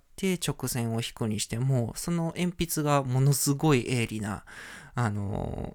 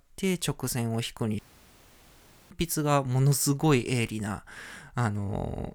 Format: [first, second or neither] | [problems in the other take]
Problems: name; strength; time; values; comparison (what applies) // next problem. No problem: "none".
first | audio cutting out; at 1.5 s for 1 s